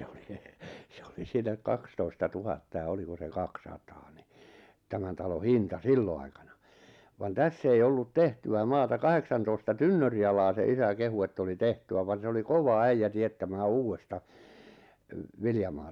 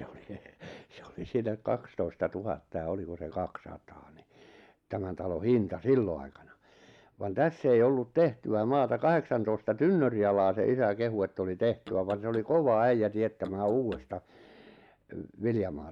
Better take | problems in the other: first | noise reduction (neural mask model Resemble Enhance denoiser)

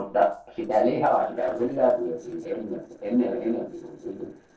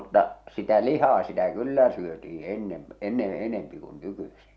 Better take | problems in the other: second | noise reduction (neural separator model SepFormer DNS4)

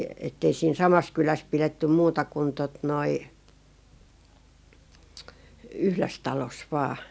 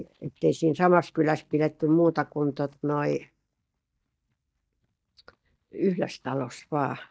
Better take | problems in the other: first | noise reduction (neural mask model DeepFilterNet 3)

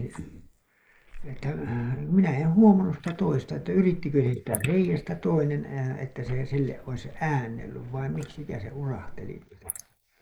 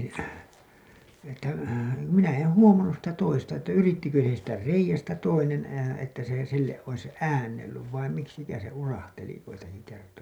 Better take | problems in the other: second | noise reduction (neural mask model Resemble Enhance denoiser)

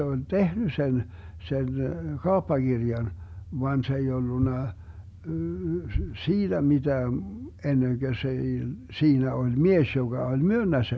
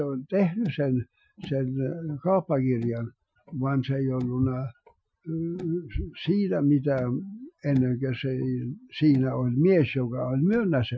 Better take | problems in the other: first | noise reduction (classical method Wiener filter)

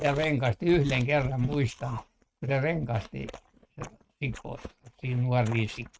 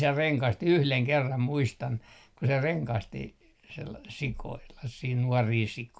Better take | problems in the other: second | noise reduction (neural mask model RNNoise)

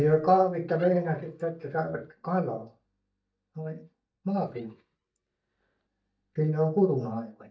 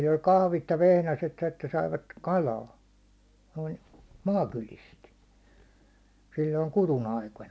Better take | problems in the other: second | noise reduction (neural mask model DeepFilterNet 3)

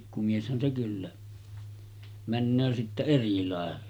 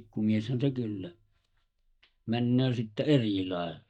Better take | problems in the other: first | noise reduction (neural mask model DeepFilterNet 3)

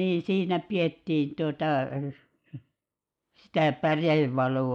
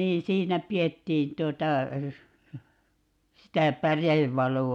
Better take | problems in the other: second | noise reduction (neural mask model Resemble Enhance denoiser)

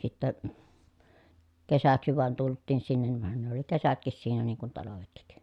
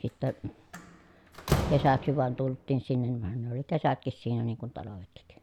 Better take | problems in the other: first | background sound (Slam); 8 dB below the speech

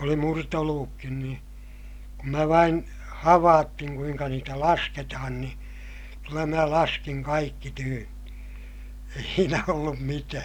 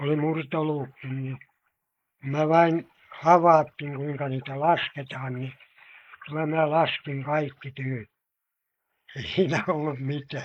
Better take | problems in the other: first | noise reduction (neural mask model Resemble Enhance denoiser)

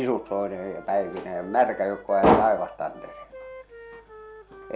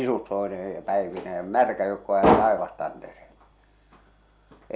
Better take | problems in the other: second | background sound (Wind instrument, woodwind instrument); 17 dB below the speech

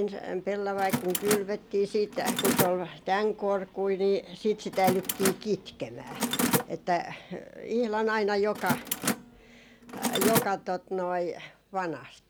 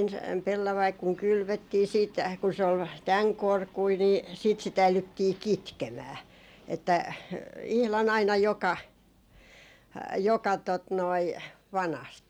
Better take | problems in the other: second | background sound (Mechanisms); 3 dB below the speech

